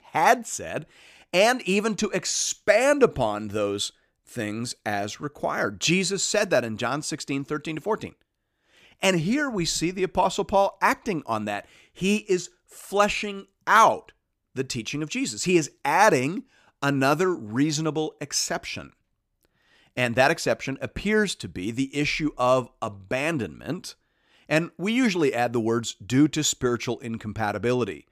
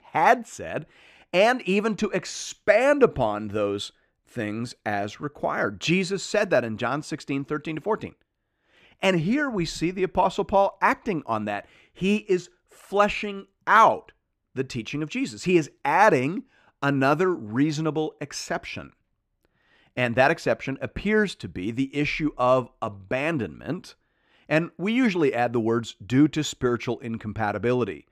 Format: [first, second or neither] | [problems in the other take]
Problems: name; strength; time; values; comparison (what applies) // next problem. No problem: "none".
first | muffled; slightly; fading above 4 kHz